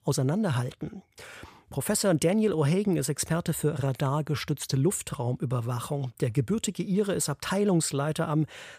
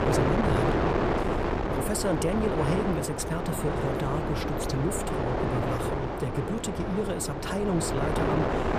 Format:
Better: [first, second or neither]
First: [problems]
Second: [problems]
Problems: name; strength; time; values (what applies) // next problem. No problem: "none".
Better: first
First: none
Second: wind noise on the microphone; heavy; 4 dB above the speech